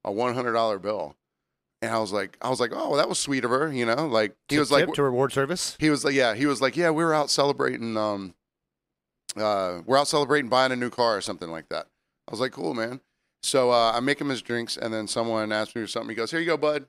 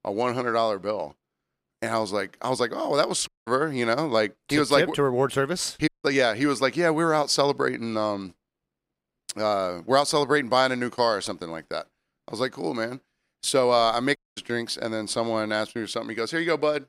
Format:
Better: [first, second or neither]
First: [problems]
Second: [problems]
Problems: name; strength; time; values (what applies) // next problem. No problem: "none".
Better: first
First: none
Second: audio cutting out; at 3.5 s, at 6 s and at 14 s